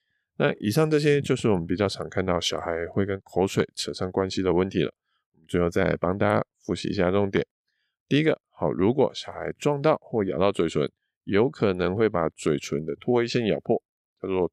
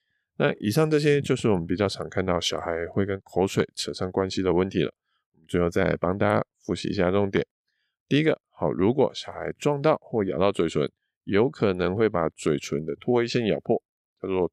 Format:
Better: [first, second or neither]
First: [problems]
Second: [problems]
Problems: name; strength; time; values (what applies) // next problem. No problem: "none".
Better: neither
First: none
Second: none